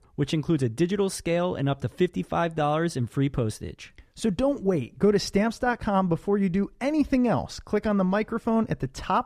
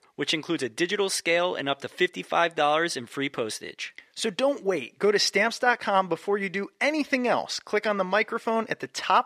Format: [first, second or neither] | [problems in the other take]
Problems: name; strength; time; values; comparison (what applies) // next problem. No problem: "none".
first | thin; somewhat; fading below 400 Hz